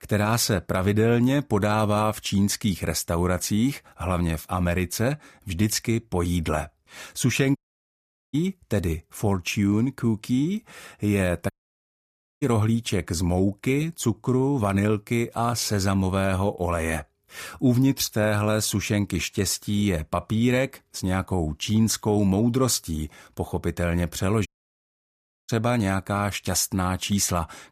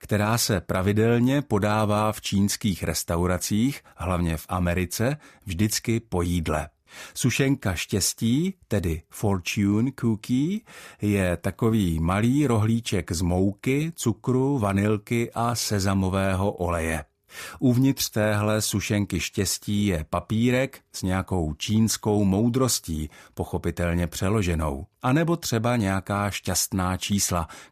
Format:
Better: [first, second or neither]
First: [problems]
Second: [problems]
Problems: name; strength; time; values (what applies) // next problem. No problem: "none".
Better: second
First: audio cutting out; at 7.5 s for 1 s, at 12 s for 1 s and at 24 s for 1 s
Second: none